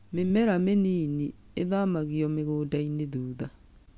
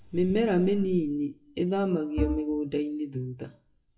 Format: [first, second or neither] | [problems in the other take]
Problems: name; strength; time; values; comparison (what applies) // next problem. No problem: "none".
first | noise reduction (classical method WPE with log-MMSE)